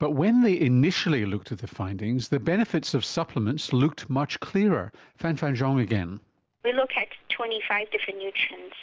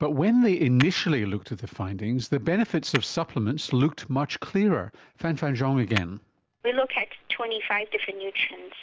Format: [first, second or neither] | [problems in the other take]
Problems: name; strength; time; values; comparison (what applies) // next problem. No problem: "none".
first | background sound (Tap / Hammer); 14 dB below the speech